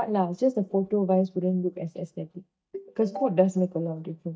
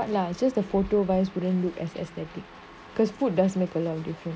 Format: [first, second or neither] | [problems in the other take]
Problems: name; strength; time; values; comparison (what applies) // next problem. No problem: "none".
second | noise reduction (neural mask model DeepFilterNet 3)